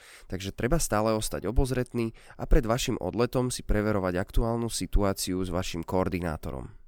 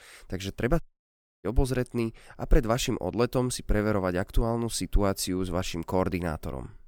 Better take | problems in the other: first | audio cutting out; at 1 s for 0.5 s

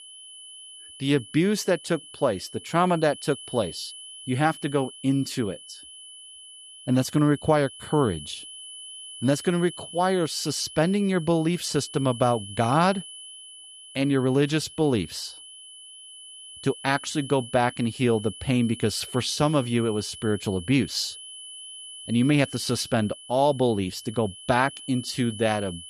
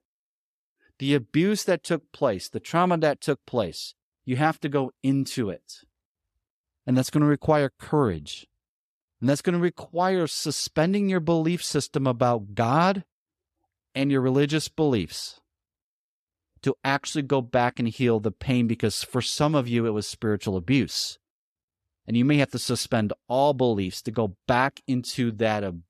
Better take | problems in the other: second | high-pitched whine; noticeable; throughout; 3 kHz, 15 dB below the speech

